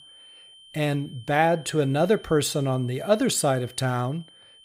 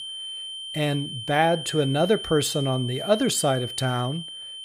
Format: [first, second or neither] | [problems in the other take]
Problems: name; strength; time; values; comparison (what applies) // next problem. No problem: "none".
first | high-pitched whine; loud; throughout; 3 kHz, 8 dB below the speech; faint in the first